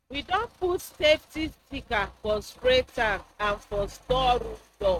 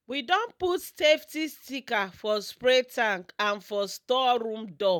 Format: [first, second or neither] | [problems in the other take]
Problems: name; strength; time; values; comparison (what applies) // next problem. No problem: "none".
second | noise reduction (neural mask model RNNoise)